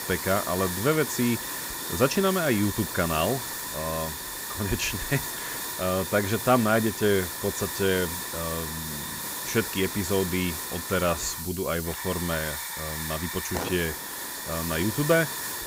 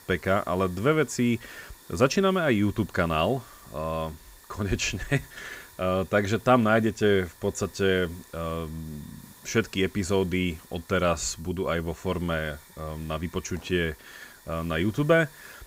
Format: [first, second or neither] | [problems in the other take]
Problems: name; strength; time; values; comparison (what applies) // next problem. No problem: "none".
second | hiss; loud; throughout; 4 dB below the speech; faint in the second